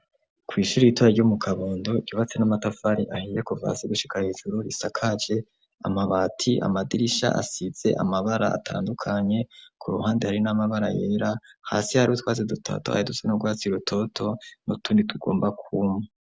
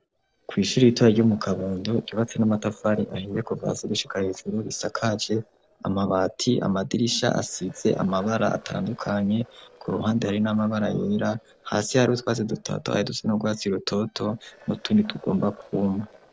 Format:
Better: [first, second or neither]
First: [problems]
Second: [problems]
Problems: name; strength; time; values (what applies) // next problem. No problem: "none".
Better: first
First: none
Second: noise reduction (neural separator model SepFormer DNS4)